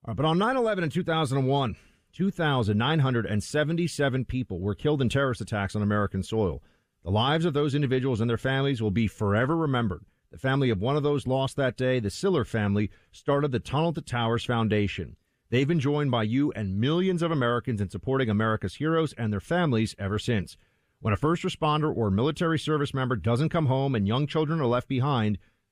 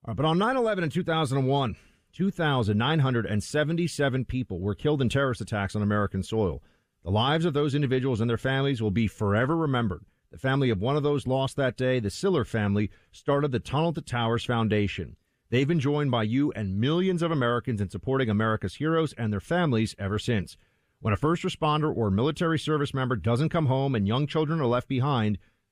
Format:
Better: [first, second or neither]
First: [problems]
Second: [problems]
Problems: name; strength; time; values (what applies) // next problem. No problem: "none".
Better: neither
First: none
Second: none